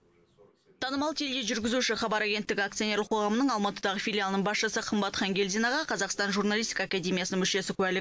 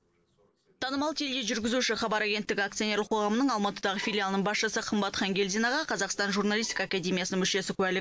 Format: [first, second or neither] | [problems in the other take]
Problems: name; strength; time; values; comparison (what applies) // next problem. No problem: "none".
first | noise reduction (neural separator model SepFormer DNS4)